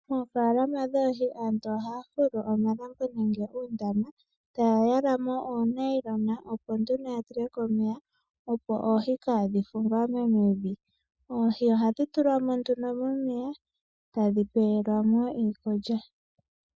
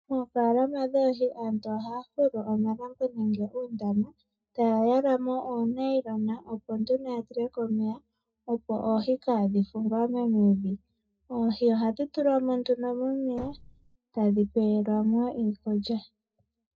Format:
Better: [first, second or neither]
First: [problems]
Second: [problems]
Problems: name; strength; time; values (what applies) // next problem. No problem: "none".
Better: first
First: none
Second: noise reduction (neural separator model SepFormer DNS4)